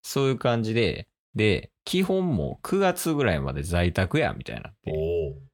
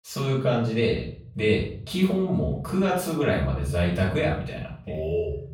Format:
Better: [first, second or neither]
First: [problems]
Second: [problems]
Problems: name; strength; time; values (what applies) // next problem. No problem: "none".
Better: first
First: none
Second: off-mic speech; far // room echo; noticeable; dies away in 0.6 s